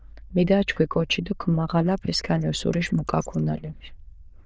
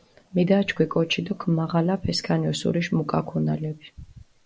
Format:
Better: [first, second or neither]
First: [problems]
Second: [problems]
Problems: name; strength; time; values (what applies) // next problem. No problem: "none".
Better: second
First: noise reduction (neural diffusion model UNIVERSE++)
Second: none